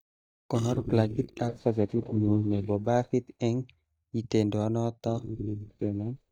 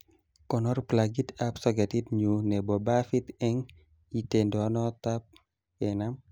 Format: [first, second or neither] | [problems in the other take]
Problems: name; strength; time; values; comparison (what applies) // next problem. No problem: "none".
second | noise reduction (neural mask model DeepFilterNet 3)